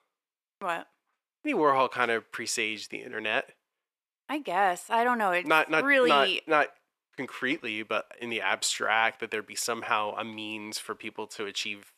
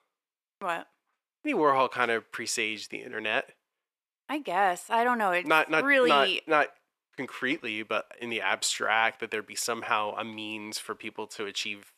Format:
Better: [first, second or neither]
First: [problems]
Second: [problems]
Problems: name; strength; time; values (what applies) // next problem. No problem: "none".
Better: neither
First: thin; somewhat; fading below 450 Hz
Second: thin; somewhat; fading below 450 Hz